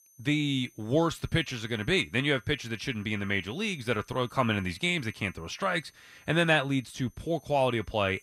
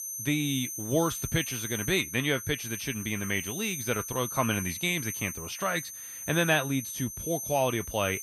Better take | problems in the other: first | high-pitched whine; loud; throughout; 6 kHz, 6 dB below the speech; faint in the first

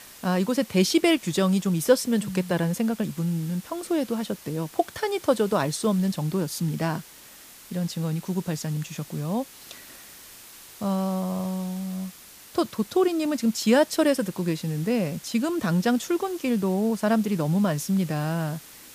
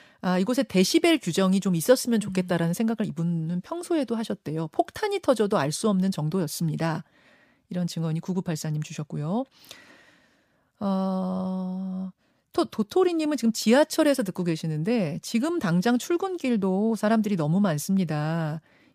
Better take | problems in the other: second | hiss; noticeable; throughout; 20 dB below the speech

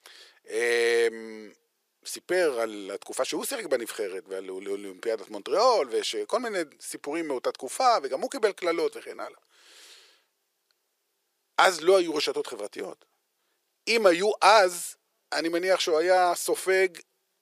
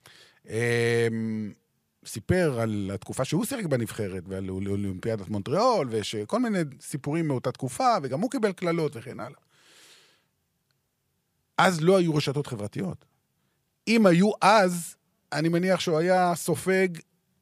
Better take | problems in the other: second | thin; very; fading below 400 Hz

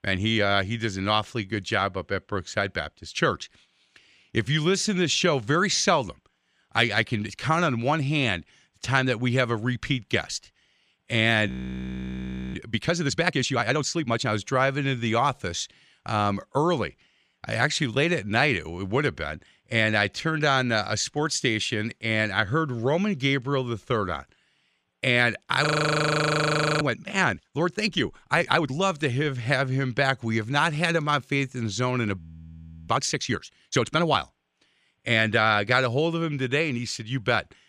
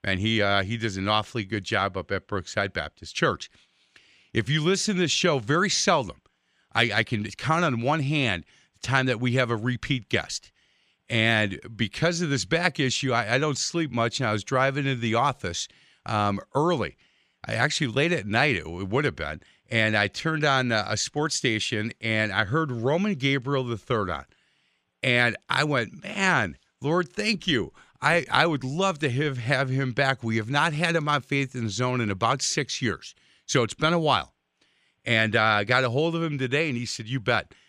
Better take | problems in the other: second | audio freezing; at 11 s for 1 s, at 26 s for 1 s and at 32 s for 0.5 s

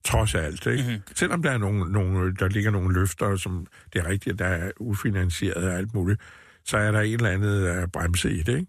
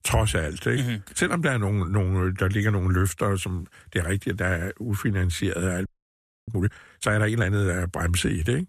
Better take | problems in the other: first | audio freezing; at 6 s for 0.5 s

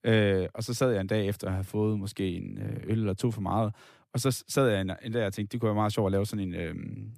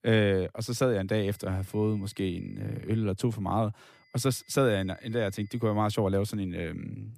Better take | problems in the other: first | high-pitched whine; faint; from 1 to 3 s and from 4 to 6 s; 2 kHz, 30 dB below the speech

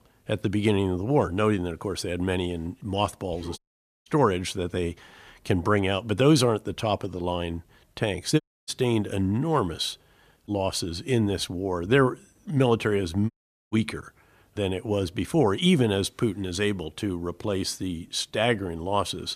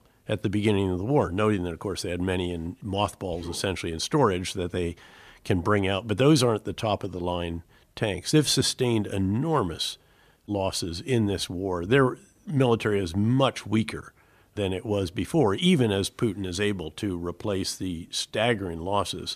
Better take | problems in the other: second | audio cutting out; at 3.5 s, at 8.5 s and at 13 s

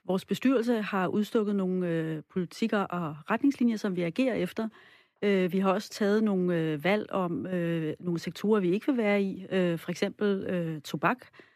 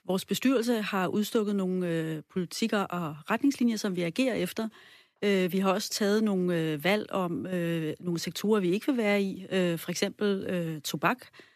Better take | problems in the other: second | muffled; slightly; fading above 3 kHz

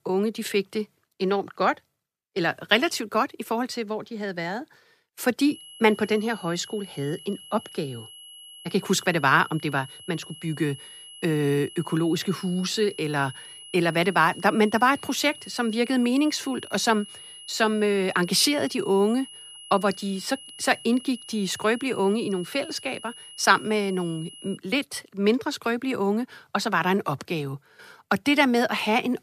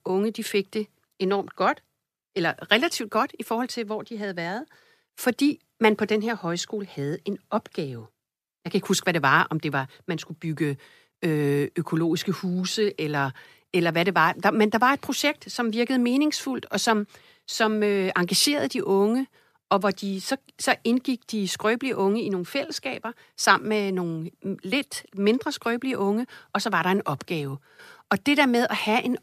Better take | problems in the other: second | high-pitched whine; noticeable; from 5.5 to 25 s; 3 kHz, 15 dB below the speech

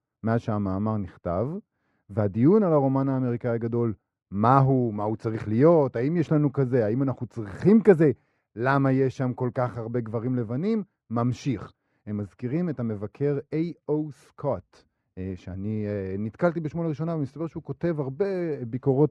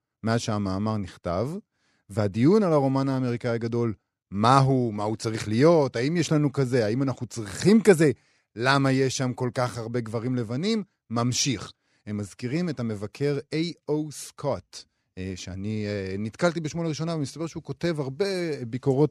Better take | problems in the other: second | muffled; very; fading above 2.5 kHz

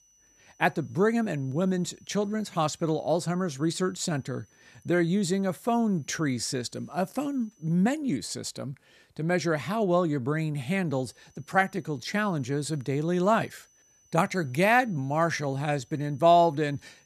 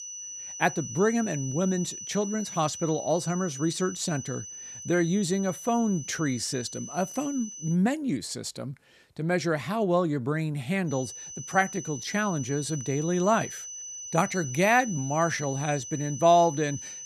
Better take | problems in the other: first | high-pitched whine; loud; until 7.5 s and from 11 s on; 6 kHz, 10 dB below the speech; faint in the first

